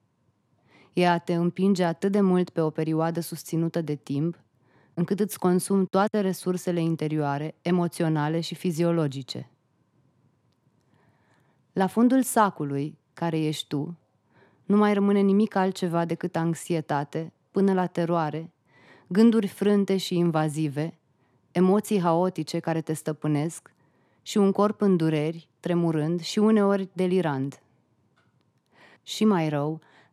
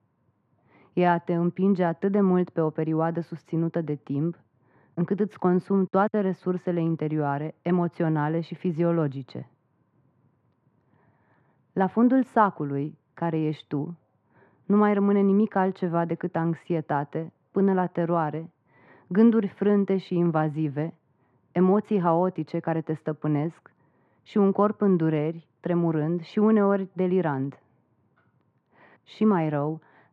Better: first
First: none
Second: muffled; very; fading above 1.5 kHz

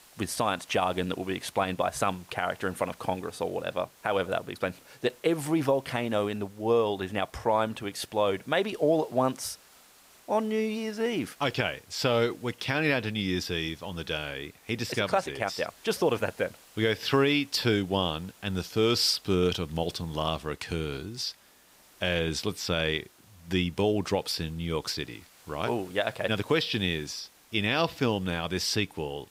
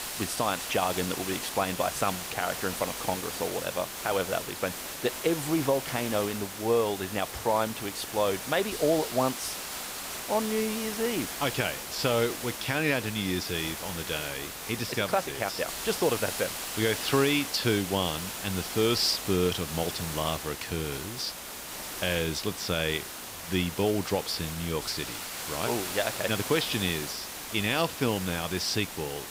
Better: first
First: hiss; faint; throughout; 25 dB below the speech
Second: hiss; loud; throughout; 5 dB below the speech

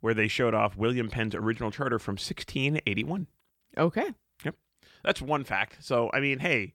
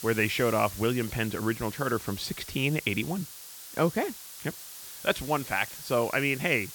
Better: first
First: none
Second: hiss; noticeable; throughout; 10 dB below the speech

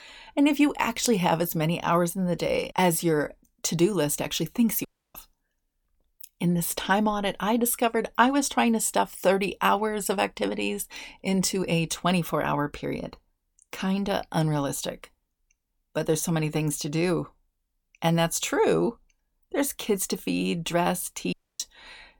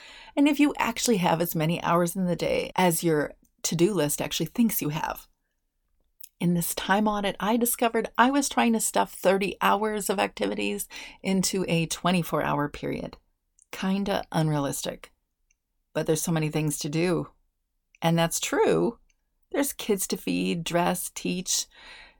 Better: second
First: audio cutting out; at 5 s and at 21 s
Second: none

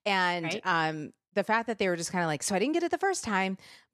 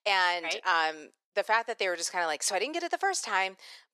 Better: first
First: none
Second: thin; very; fading below 500 Hz

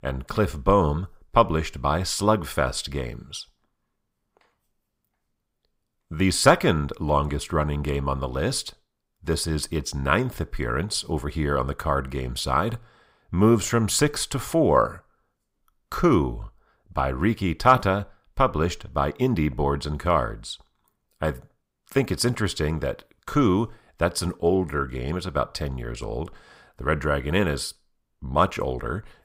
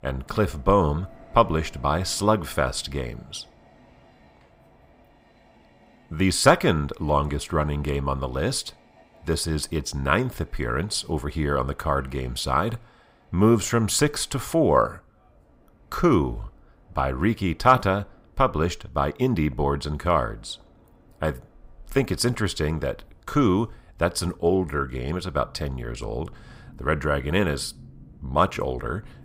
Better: first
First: none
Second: train or aircraft noise; faint; throughout; 30 dB below the speech

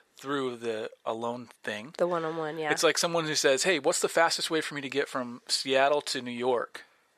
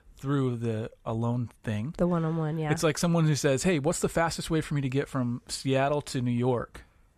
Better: second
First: thin; somewhat; fading below 450 Hz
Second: none

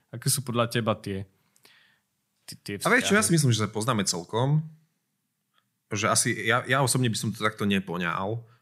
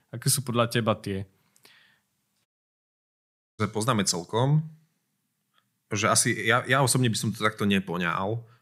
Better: first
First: none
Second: audio cutting out; at 2.5 s for 1 s

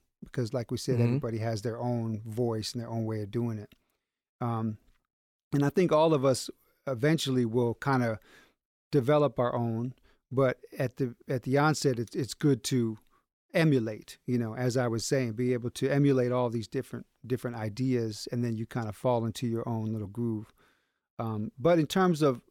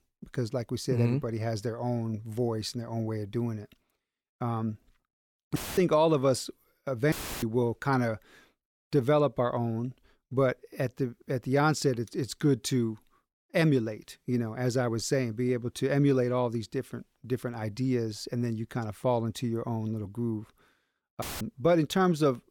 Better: first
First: none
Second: audio cutting out; filled with static; at 5.5 s, at 7 s and at 21 s

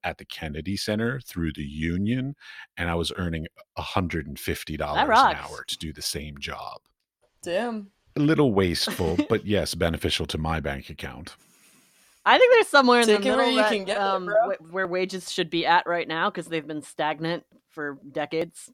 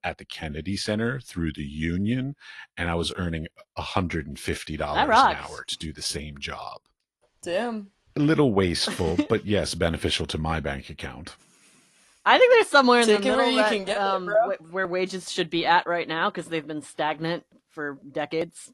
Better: first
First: none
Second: garbled, watery; slightly

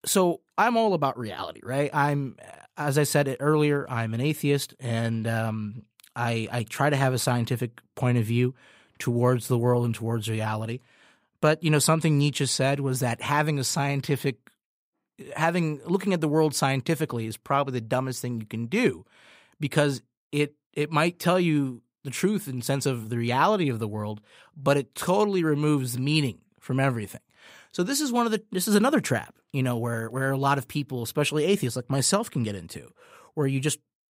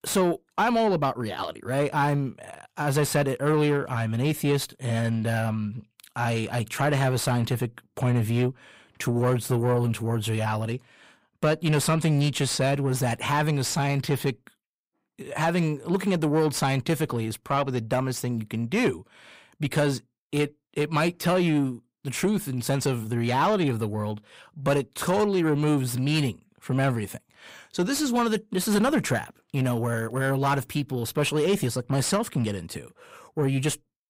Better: first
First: none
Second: distortion; slight; 10 dB below the speech

